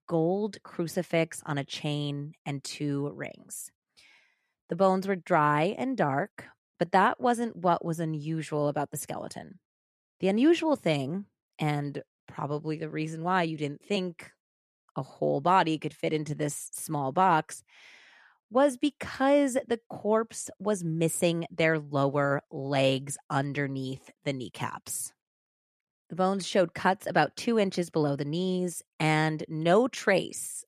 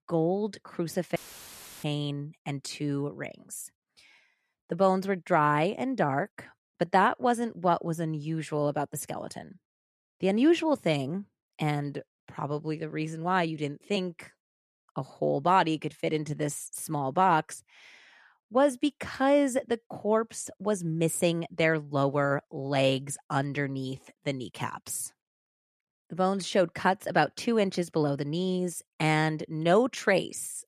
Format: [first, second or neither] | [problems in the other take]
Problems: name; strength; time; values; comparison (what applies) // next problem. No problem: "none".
first | audio cutting out; filled with static; at 1 s for 0.5 s